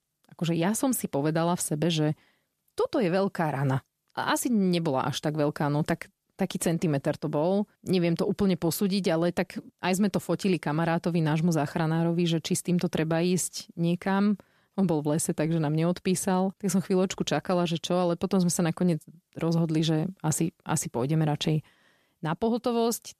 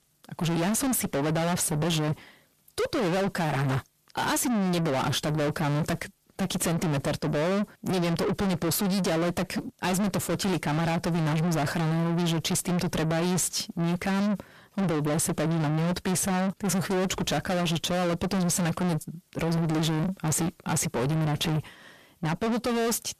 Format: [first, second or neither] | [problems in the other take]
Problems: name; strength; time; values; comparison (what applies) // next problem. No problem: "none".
first | distortion; heavy; 5 dB below the speech